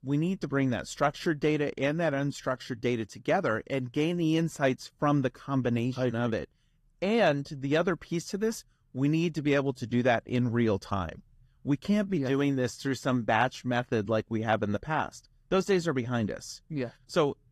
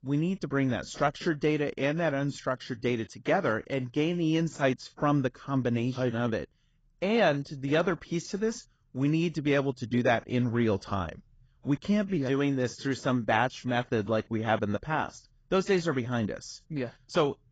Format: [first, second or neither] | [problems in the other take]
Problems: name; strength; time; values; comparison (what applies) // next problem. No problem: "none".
first | garbled, watery; badly; nothing above 7.5 kHz; slightly in the first